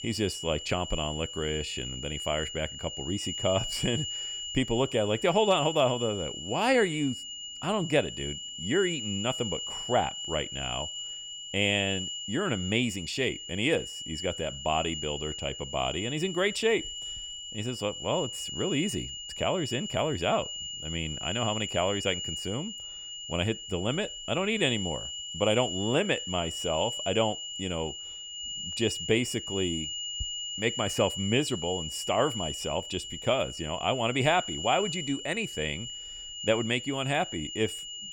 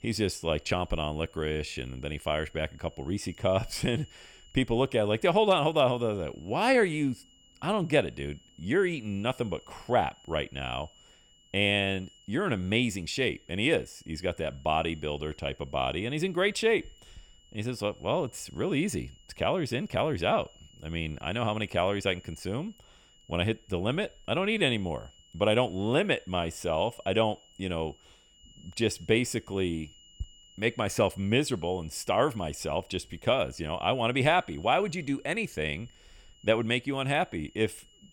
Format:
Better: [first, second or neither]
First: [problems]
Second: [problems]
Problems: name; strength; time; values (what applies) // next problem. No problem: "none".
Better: second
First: high-pitched whine; loud; throughout; 3 kHz, 5 dB below the speech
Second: high-pitched whine; faint; throughout; 3 kHz, 25 dB below the speech